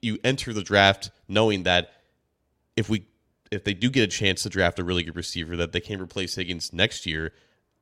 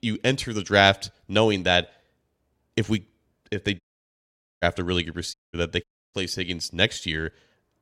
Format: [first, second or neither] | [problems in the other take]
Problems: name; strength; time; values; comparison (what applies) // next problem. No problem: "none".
first | audio cutting out; at 4 s for 1 s, at 5.5 s and at 6 s